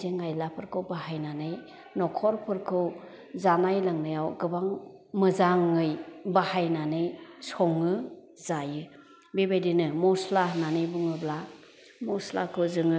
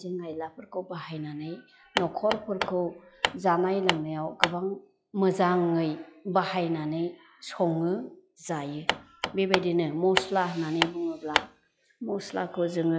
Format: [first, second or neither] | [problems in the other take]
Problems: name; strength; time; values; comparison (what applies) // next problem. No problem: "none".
first | noise reduction (classical method log-MMSE)